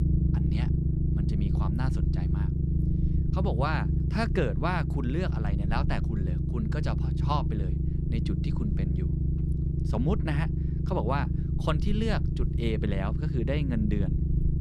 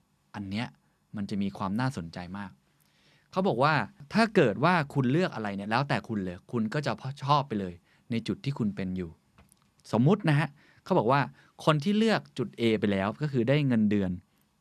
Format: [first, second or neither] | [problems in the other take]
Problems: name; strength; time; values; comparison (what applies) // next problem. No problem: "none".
second | low rumble; loud; throughout; 5 dB below the speech